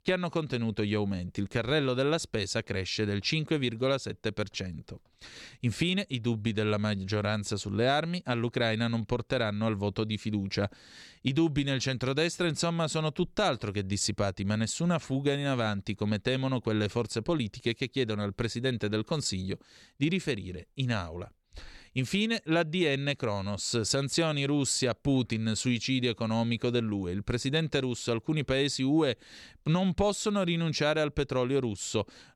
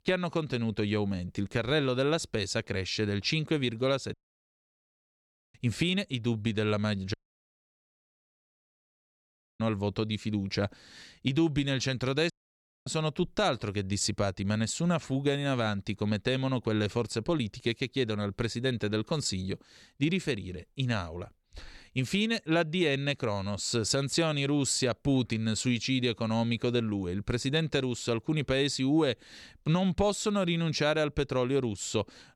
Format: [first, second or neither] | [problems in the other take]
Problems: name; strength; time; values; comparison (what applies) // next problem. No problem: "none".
first | audio cutting out; at 4 s for 1.5 s, at 7 s for 2.5 s and at 12 s for 0.5 s